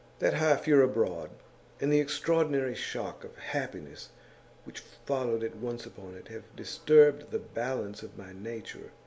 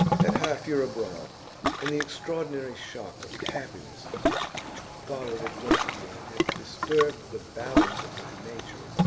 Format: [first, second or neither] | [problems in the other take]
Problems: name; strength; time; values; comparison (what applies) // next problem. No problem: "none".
first | background sound (Ocean); 3 dB above the speech